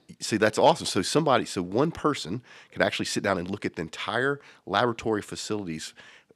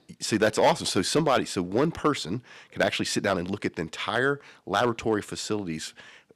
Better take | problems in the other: first | distortion; slight; 1.3% of the sound clipped

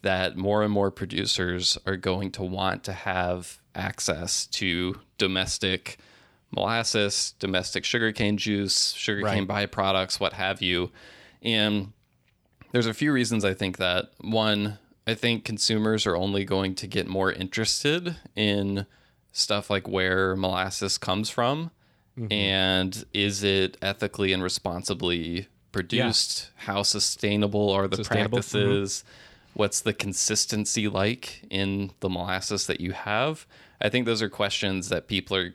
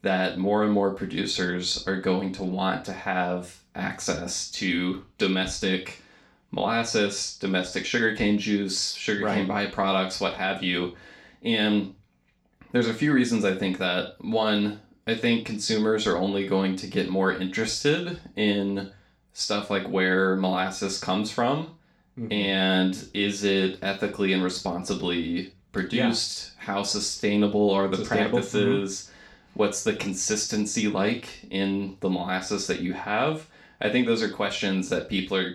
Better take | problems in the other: first | room echo; slight; dies away in 0.3 s // off-mic speech; far

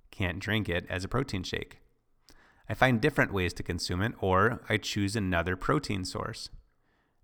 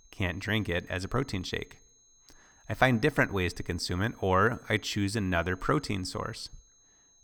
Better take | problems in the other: first | high-pitched whine; faint; throughout; 6.5 kHz, 30 dB below the speech

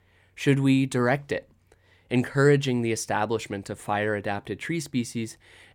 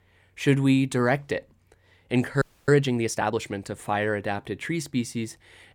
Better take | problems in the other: first | audio freezing; at 2.5 s

